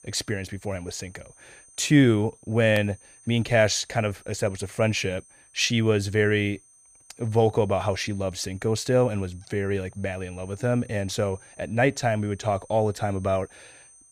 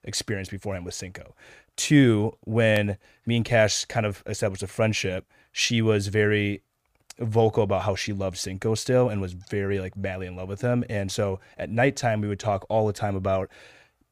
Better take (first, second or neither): second